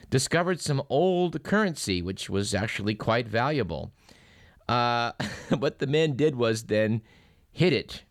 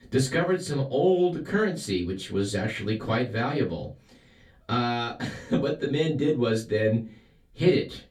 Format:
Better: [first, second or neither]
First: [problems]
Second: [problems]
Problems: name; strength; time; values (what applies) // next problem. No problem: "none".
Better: first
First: none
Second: off-mic speech; far // room echo; very slight; dies away in 0.2 s